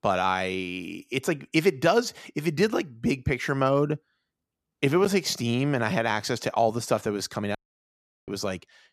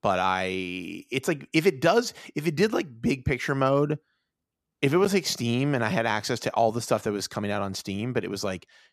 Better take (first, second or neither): second